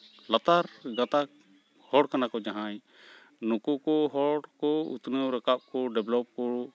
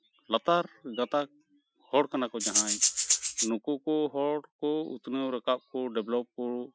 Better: first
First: none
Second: noise reduction (classical method Wiener filter)

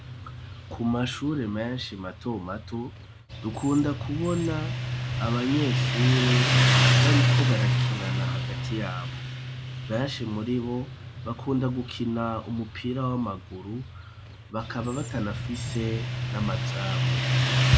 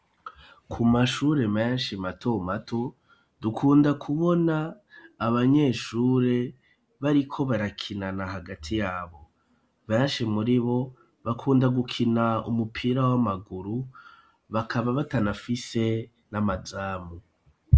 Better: second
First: background sound (Motorcycle); 3 dB above the speech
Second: none

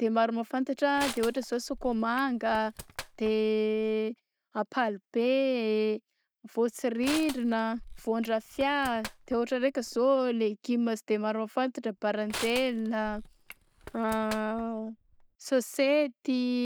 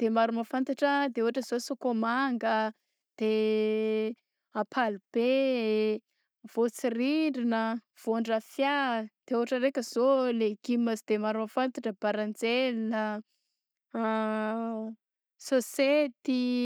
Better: second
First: background sound (Crushing); 15 dB below the speech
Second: none

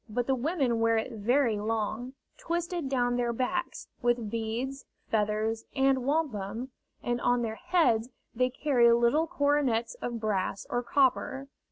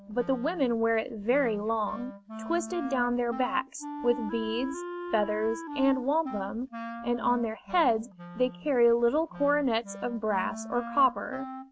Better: first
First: none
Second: background sound (Wind instrument, woodwind instrument); 12 dB below the speech

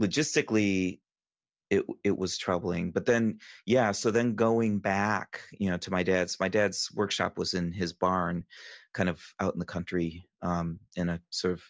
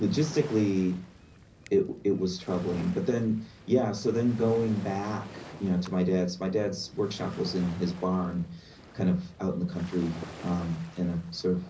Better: first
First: none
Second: background sound (Waves, surf); 17 dB below the speech // room echo; dies away in 0.5 s

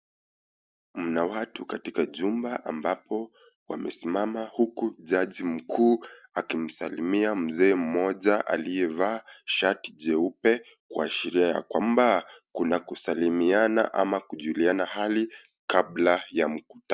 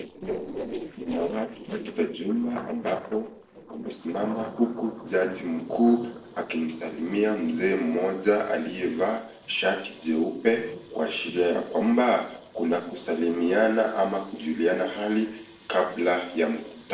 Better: first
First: none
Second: noise reduction (neural separator model SepFormer DNS4)

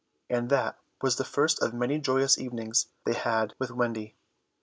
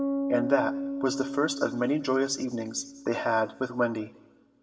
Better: first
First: none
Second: background sound (Bass guitar); 6 dB below the speech // room echo; dies away in 1.2 s

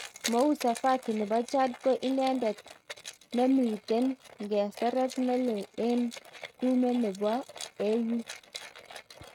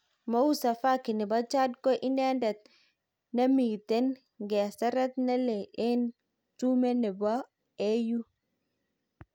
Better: second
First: noise reduction (neural mask model RNNoise)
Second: none

